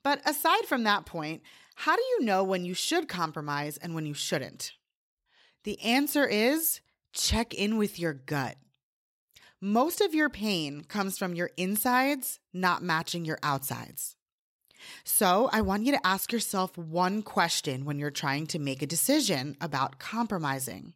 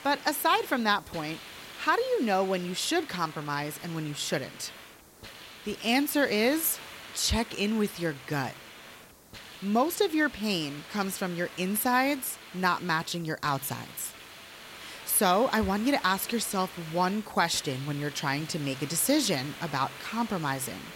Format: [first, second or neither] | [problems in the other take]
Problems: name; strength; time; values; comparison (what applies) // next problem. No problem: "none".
first | hiss; noticeable; throughout; 15 dB below the speech